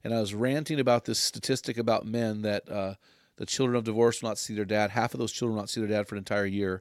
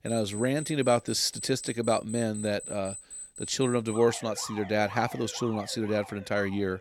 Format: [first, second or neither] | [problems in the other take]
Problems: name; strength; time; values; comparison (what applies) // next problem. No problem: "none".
first | alarms or sirens; noticeable; throughout; 10 dB below the speech